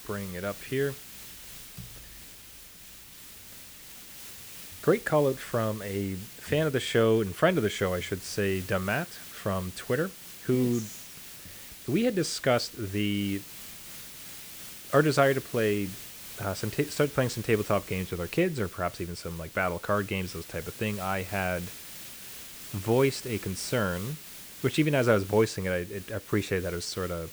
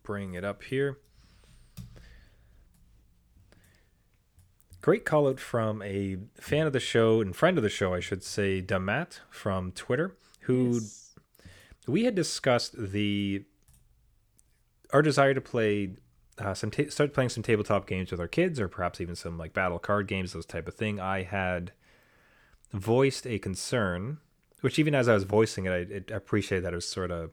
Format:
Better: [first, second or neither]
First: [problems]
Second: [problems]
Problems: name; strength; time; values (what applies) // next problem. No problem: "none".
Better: second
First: hiss; noticeable; throughout; 15 dB below the speech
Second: none